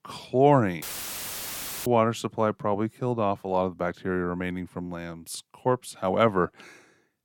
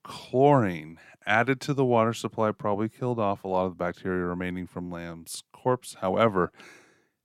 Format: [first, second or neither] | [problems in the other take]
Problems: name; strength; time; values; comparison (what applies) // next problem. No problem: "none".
second | audio cutting out; filled with static; at 1 s for 1 s